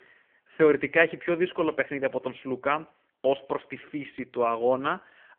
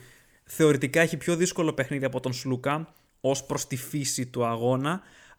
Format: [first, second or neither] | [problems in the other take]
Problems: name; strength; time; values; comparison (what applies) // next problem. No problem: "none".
second | phone-call audio; poor line